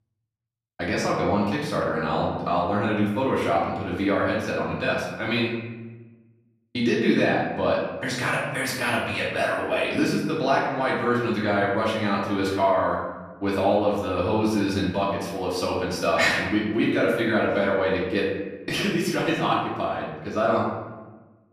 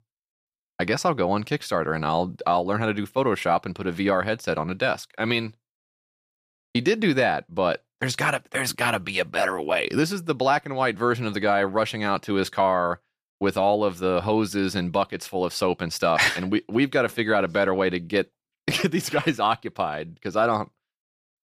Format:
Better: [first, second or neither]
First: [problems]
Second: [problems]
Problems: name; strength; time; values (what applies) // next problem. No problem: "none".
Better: second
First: room echo; noticeable; dies away in 1.1 s // off-mic speech; far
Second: none